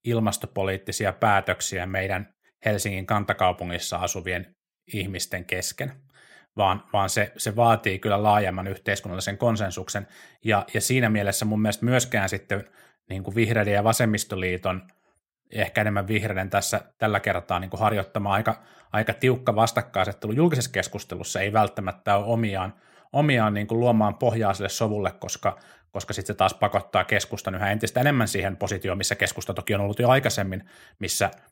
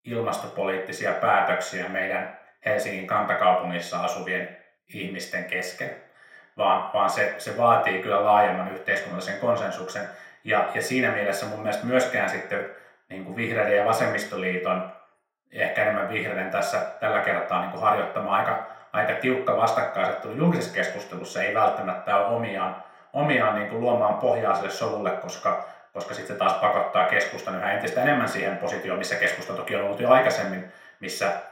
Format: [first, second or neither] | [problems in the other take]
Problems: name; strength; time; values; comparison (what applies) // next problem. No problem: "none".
first | room echo; noticeable; dies away in 0.6 s // off-mic speech; far